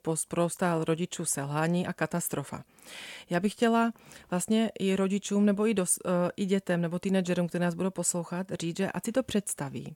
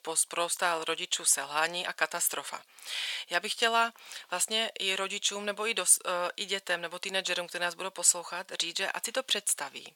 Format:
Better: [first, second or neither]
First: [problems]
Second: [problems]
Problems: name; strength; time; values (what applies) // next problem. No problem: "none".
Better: first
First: none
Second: thin; very; fading below 850 Hz